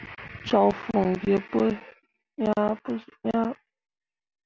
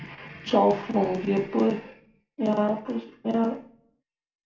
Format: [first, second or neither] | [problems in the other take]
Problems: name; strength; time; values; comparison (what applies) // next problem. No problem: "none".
first | room echo; dies away in 0.4 s